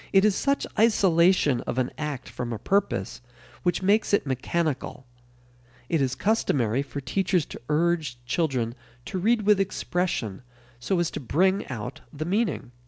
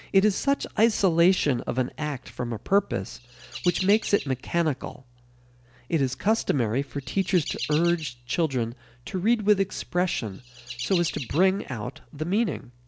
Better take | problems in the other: first | background sound (Chirp, tweet); 14 dB below the speech

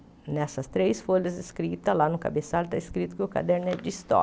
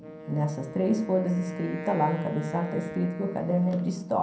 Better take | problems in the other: first | background sound (Wind instrument, woodwind instrument); 13 dB below the speech // room echo; dies away in 0.6 s

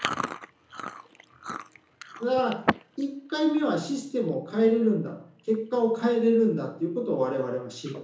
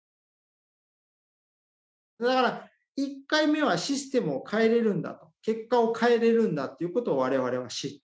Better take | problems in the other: second | background sound (Chewing, mastication); 11 dB below the speech // room echo; dies away in 0.7 s

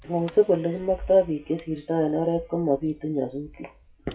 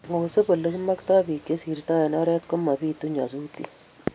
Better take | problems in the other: second | noise reduction (classical method WPE with log-MMSE)

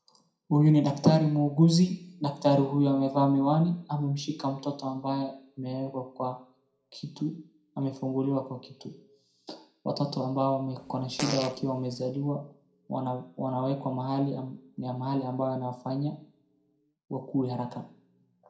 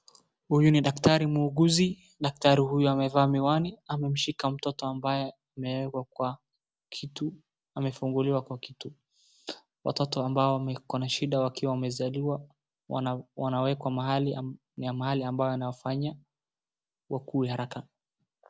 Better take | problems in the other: second | background sound (Fart); 10 dB below the speech // room echo; dies away in 0.5 s

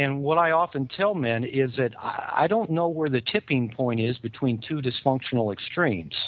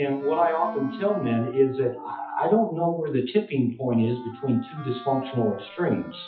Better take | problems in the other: first | noise reduction (classical method WPE with log-MMSE)

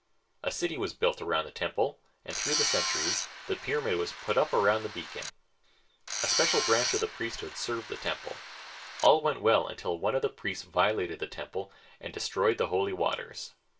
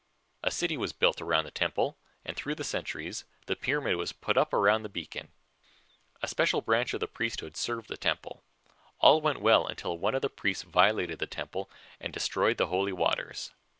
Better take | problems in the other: second | background sound (Tools); 4 dB below the speech // room echo; dies away in 0.2 s

